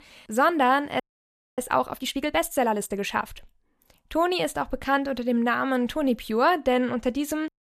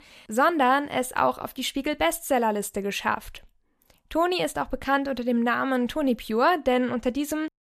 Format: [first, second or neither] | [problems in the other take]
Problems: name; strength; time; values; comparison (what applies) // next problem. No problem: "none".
second | audio freezing; at 1 s for 0.5 s